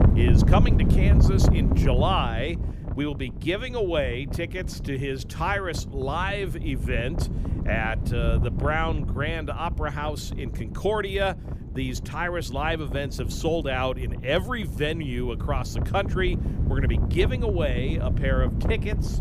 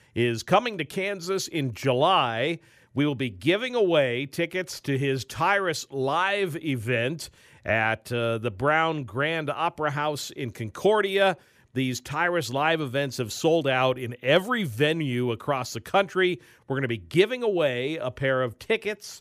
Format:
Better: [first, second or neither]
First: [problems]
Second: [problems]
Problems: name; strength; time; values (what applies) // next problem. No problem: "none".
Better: second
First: wind noise on the microphone; heavy; 9 dB below the speech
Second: none